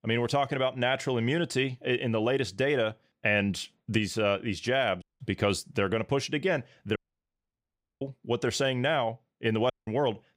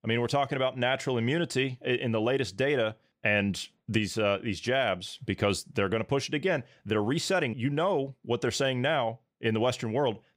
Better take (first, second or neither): second